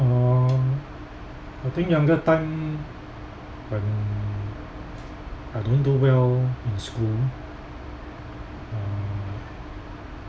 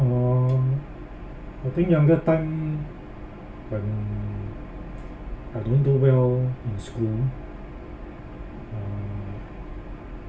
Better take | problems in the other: first | room echo; dies away in 0.2 s

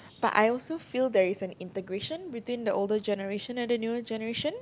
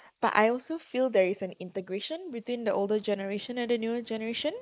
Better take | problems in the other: first | noise reduction (neural mask model Resemble Enhance denoiser)

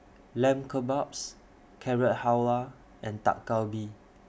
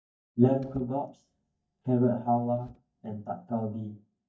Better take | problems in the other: first | noise reduction (neural mask model DeepFilterNet 3)

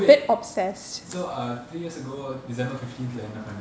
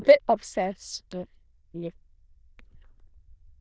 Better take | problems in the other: first | noise reduction (neural diffusion model UNIVERSE++)

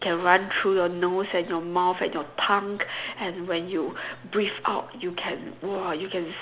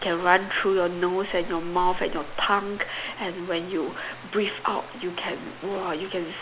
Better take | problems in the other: first | background sound (Bathtub (filling or washing)); 11 dB below the speech

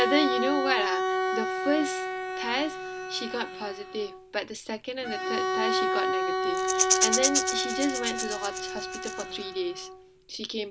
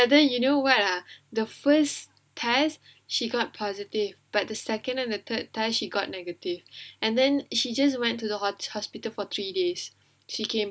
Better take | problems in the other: second | background sound (Bowed string instrument + Rattle / Rattle (instrument)); 2 dB above the speech

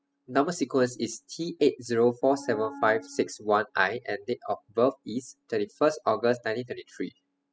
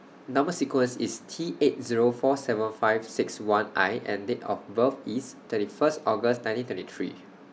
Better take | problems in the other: second | noise reduction (classical method spectral subtraction)

